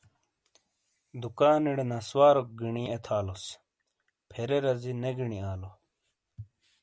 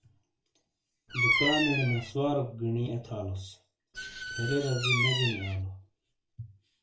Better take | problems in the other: first | background sound (Bird vocalization, bird call, bird song); 2 dB below the speech // room echo; dies away in 0.3 s

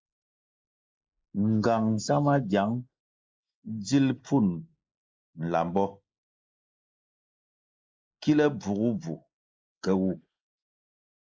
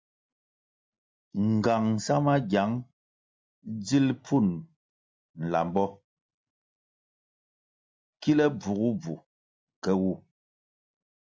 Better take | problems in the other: second | noise reduction (neural mask model Resemble Enhance denoiser)

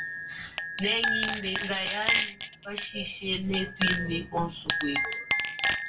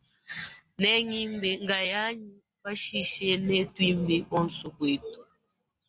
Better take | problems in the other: second | background sound (Chink, clink); 1 dB above the speech // room echo; dies away in 0.2 s

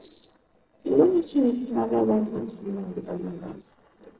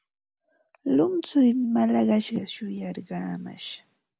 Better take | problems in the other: second | noise reduction (neural separator model SepFormer DNS4)

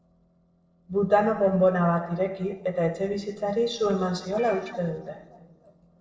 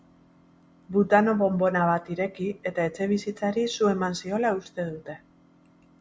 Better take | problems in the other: second | noise reduction (neural separator model SepFormer DNS4)

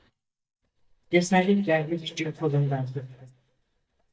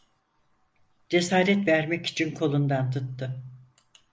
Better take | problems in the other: second | noise reduction (neural mask model DeepFilterNet 3)

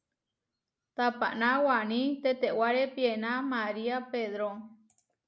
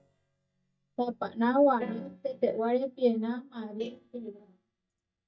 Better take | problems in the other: first | noise reduction (neural mask model DeepFilterNet 3)

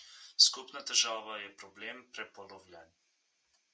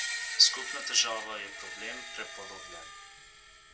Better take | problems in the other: first | background sound (Screech); 7 dB below the speech

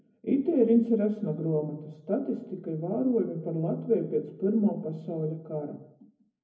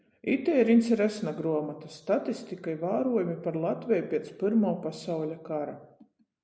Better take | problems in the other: second | room echo; dies away in 0.3 s

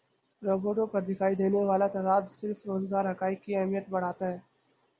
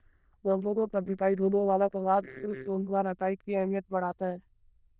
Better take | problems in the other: first | noise reduction (neural diffusion model UNIVERSE++)

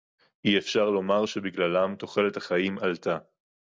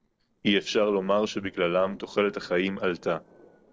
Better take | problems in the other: first | noise reduction (neural separator model SepFormer DNS4)

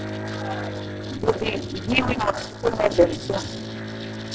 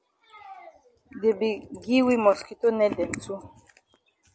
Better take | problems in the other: second | noise reduction (neural separator model SepFormer DNS4)

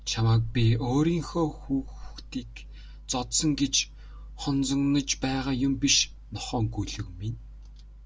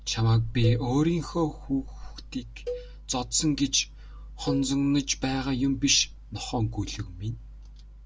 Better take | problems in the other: first | background sound (Cowbell); 15 dB below the speech

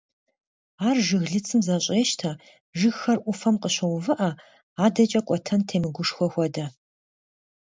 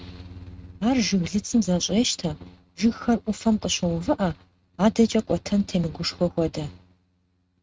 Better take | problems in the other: first | noise reduction (neural mask model RNNoise)

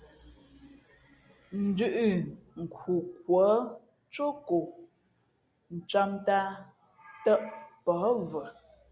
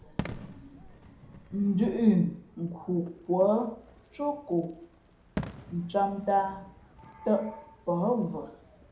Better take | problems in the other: first | background sound (Fireworks); 15 dB below the speech // room echo; dies away in 0.4 s

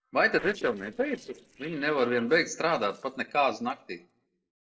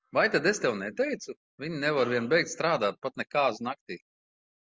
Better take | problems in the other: second | noise reduction (neural separator model SepFormer DNS4)

